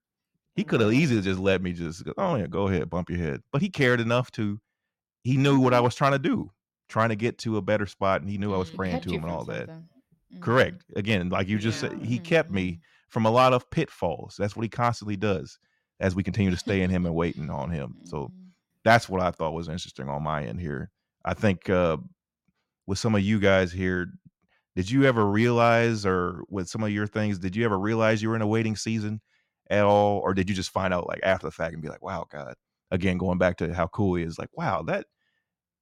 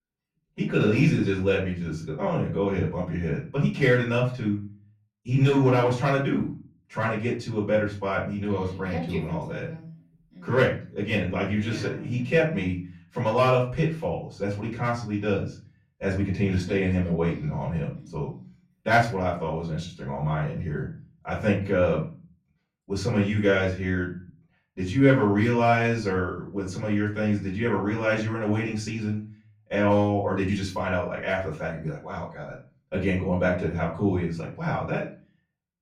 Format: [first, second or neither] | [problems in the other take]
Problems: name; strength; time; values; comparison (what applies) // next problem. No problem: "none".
first | room echo; slight; dies away in 0.3 s // off-mic speech; far